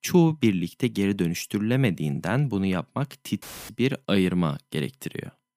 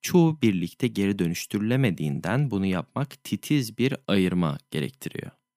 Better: second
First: audio cutting out; filled with static; at 3.5 s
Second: none

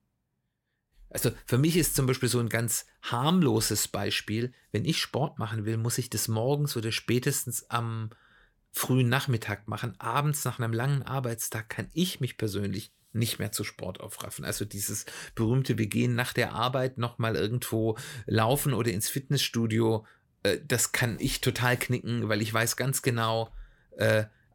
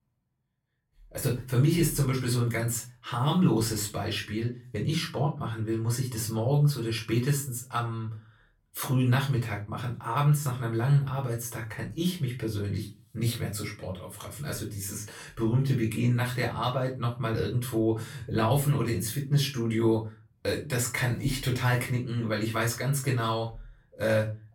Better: first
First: none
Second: off-mic speech; far // room echo; very slight; dies away in 0.3 s

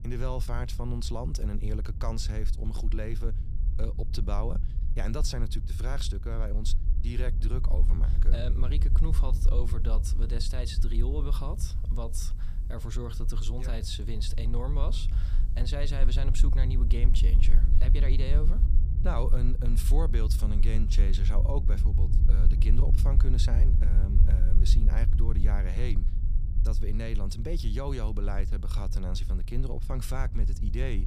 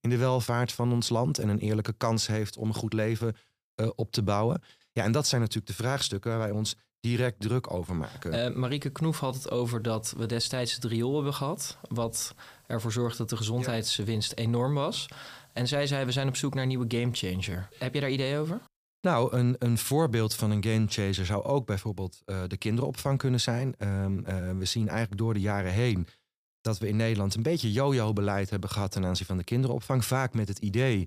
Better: second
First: low rumble; loud; throughout; 8 dB below the speech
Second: none

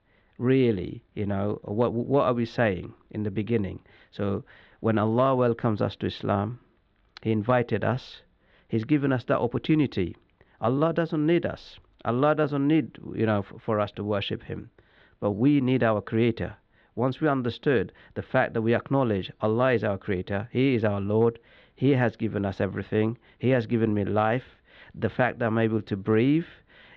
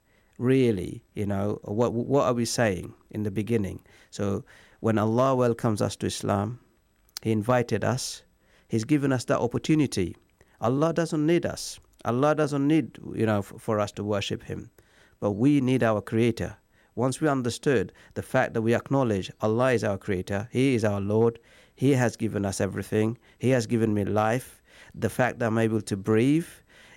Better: second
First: muffled; very; fading above 3.5 kHz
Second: none

